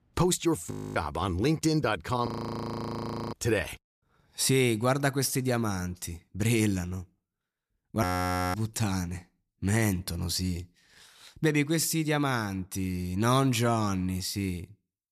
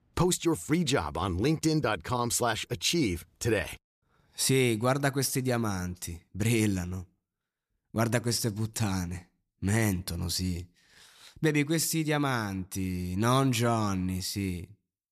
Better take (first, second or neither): second